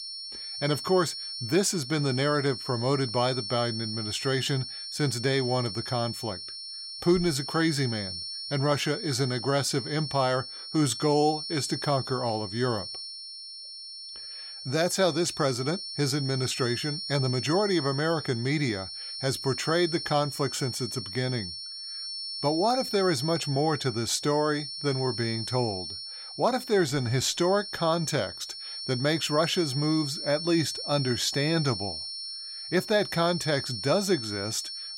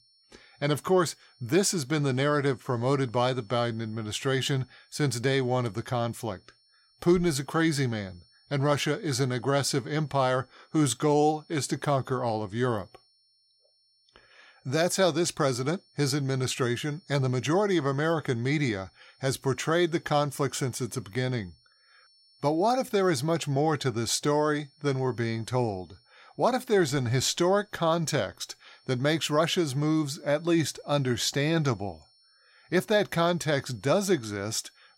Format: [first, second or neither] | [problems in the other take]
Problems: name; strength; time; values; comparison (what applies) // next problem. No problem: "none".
second | high-pitched whine; loud; throughout; 5.5 kHz, 7 dB below the speech; faint in the second